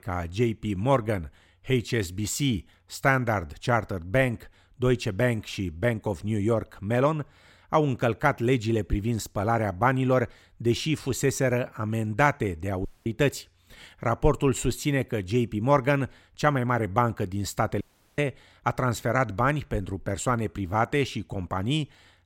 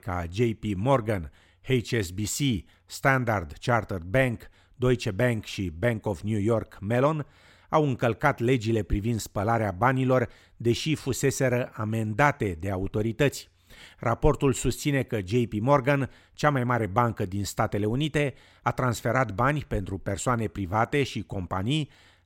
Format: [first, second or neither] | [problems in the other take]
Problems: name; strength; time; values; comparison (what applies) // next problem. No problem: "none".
second | audio cutting out; at 13 s and at 18 s